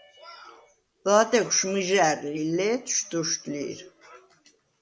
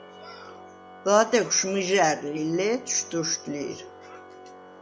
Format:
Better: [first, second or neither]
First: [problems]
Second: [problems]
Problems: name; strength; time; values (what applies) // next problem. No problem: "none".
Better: first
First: none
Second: background sound (Organ); 19 dB below the speech